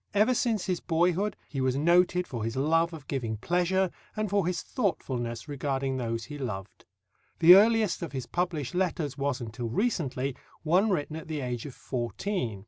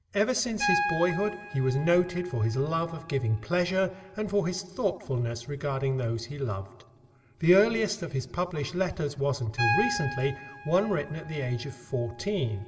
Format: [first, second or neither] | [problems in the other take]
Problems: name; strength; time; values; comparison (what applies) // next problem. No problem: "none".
first | background sound (Piano); 9 dB below the speech // room echo; dies away in 2.1 s